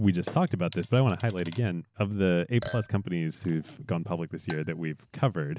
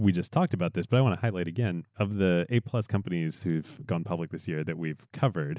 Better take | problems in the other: second | background sound (Chink, clink / Liquid); 19 dB below the speech

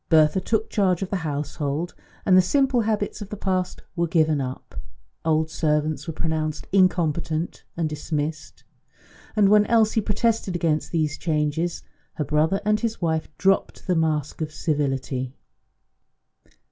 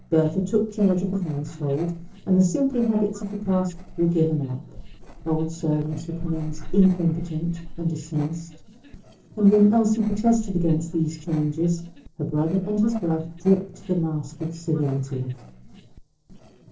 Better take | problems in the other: first | noise reduction (neural separator model SepFormer DNS4)

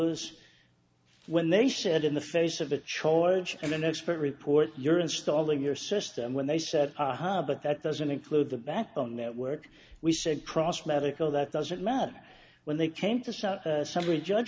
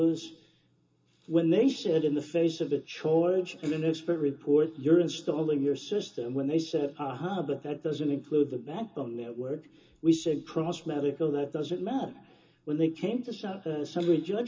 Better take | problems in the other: first | room echo; dies away in 0.2 s

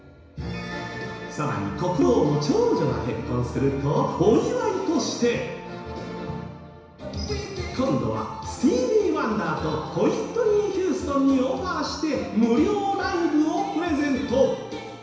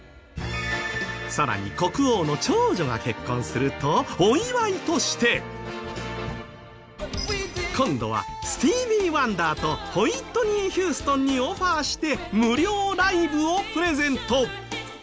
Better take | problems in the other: second | background sound (Bowed string instrument); 8 dB below the speech // room echo; dies away in 1 s

